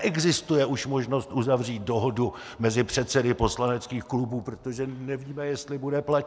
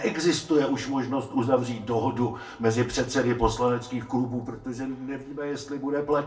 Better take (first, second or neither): first